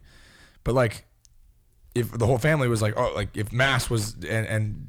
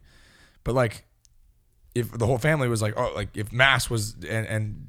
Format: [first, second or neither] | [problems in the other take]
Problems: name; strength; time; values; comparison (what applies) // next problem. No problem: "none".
second | distortion; slight; 10 dB below the speech